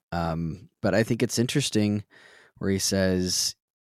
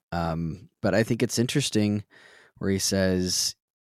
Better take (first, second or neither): neither